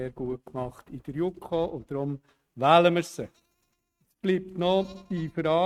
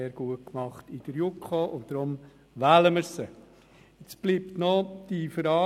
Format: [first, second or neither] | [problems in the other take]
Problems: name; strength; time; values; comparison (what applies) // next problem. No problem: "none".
second | noise reduction (neural mask model RNNoise)